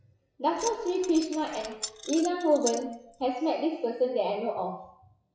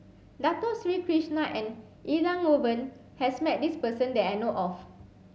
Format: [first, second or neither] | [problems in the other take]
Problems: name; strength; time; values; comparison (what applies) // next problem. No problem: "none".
second | noise reduction (classical method WPE with log-MMSE)